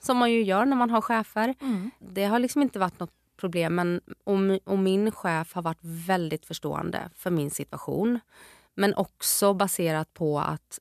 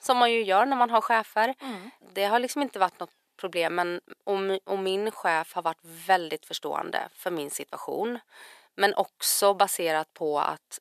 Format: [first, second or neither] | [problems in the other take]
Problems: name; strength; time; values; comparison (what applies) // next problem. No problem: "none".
first | thin; somewhat; fading below 450 Hz